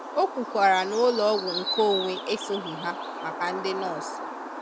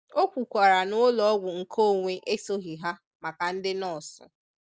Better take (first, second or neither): second